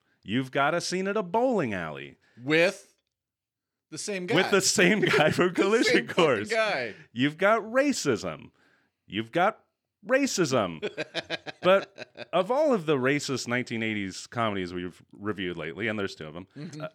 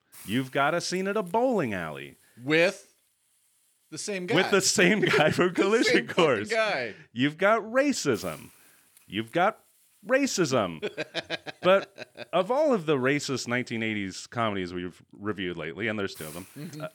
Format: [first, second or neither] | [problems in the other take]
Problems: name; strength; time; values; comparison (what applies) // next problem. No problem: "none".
first | hiss; faint; throughout; 25 dB below the speech